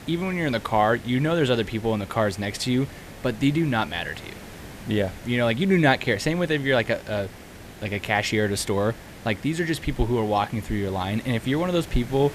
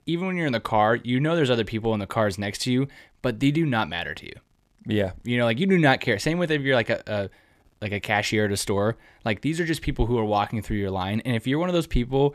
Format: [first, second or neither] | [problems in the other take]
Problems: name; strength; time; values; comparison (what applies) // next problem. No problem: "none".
second | hiss; noticeable; throughout; 15 dB below the speech